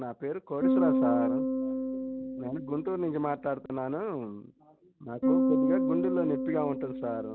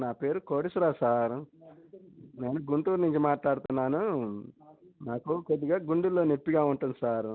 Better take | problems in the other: second | background sound (Bass guitar); 3 dB above the speech

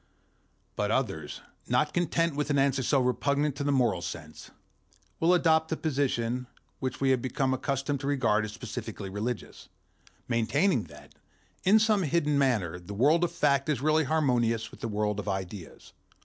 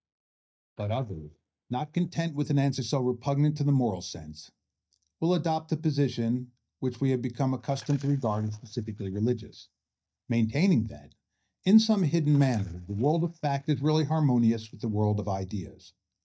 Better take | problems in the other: first | noise reduction (neural mask model DeepFilterNet 3)

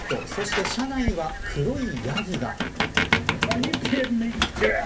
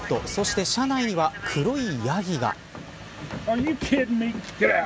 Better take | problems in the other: second | background sound (Squeak); 1 dB below the speech // room echo; dies away in 0.3 s

